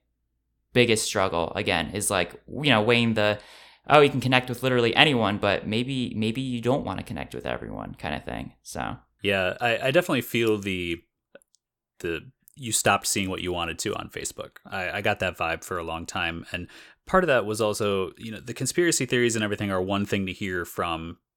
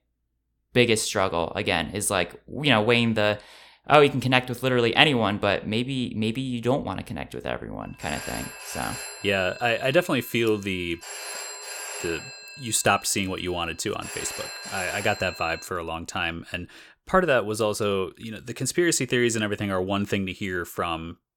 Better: first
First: none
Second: phone ringing; noticeable; from 8 to 16 s; peak 8 dB below the speech

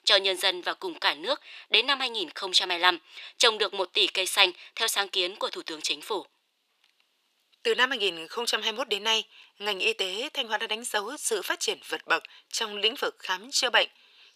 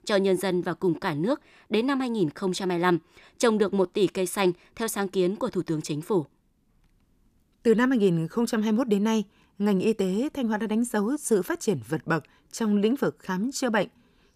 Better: second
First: thin; very; fading below 550 Hz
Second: none

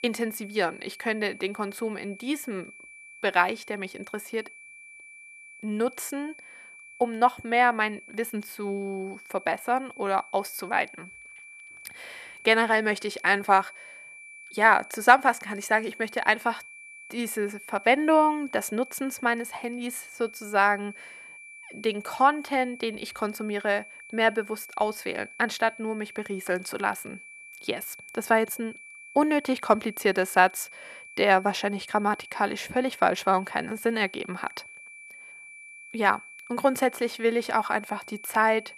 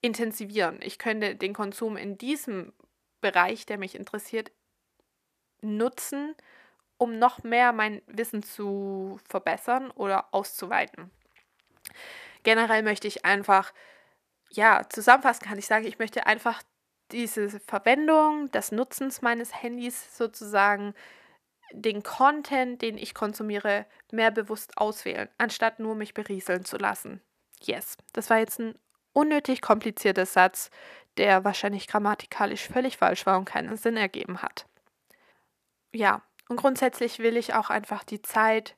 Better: second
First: high-pitched whine; noticeable; throughout; 2.5 kHz, 20 dB below the speech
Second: none

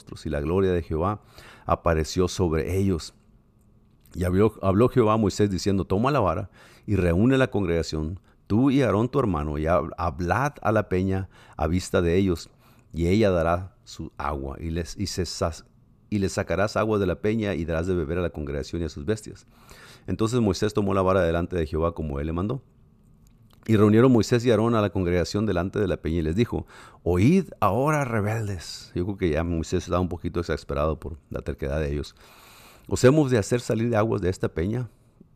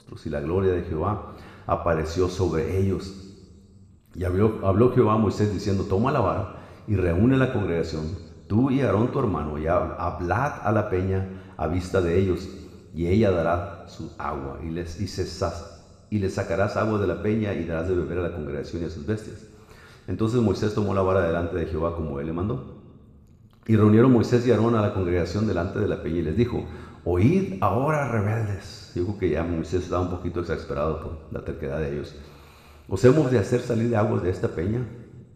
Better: first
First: none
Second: room echo; noticeable; dies away in 1.6 s // off-mic speech; somewhat distant

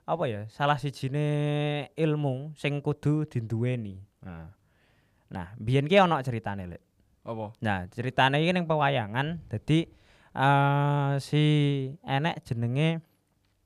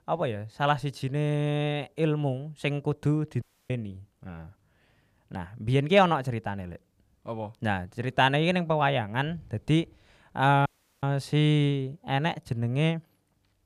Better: first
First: none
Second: audio cutting out; at 3.5 s and at 11 s

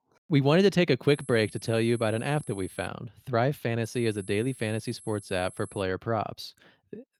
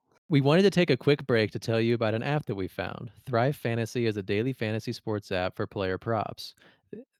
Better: second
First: high-pitched whine; noticeable; from 1 to 3 s and from 4 to 6 s; 11 kHz, 20 dB below the speech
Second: none

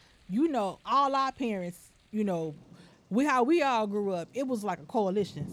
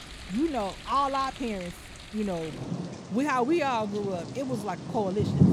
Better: first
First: rain or running water; faint; throughout; 30 dB below the speech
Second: rain or running water; loud; throughout; 7 dB below the speech

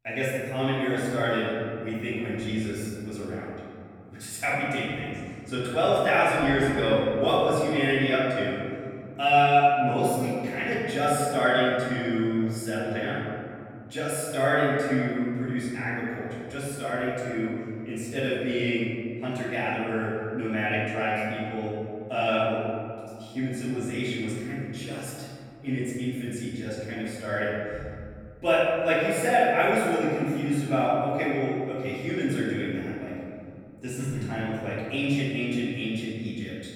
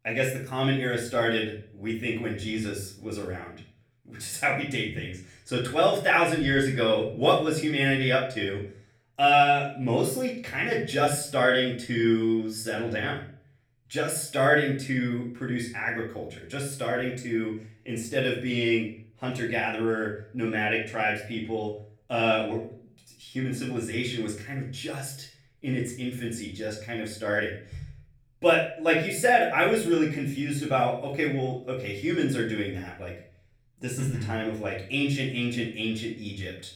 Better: second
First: room echo; strong; dies away in 2.3 s // off-mic speech; far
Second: room echo; slight; dies away in 0.4 s // off-mic speech; far

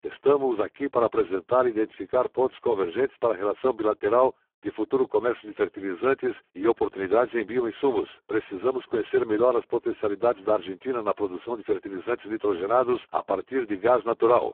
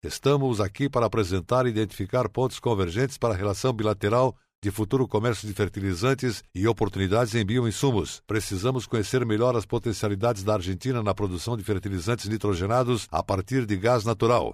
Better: second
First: phone-call audio; poor line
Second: none

